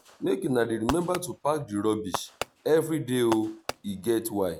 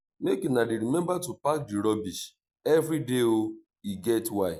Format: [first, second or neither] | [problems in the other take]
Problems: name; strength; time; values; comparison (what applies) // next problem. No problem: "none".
second | background sound (Fireworks); 12 dB below the speech